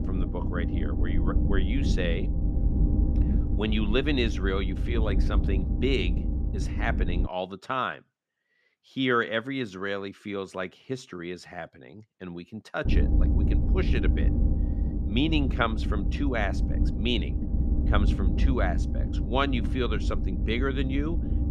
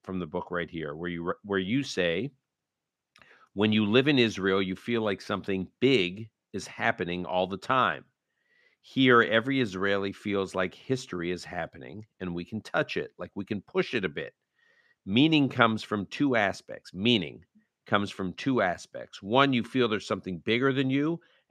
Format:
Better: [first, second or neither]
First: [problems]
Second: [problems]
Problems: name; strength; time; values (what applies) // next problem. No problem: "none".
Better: second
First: low rumble; loud; until 7.5 s and from 13 s on; 8 dB below the speech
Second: none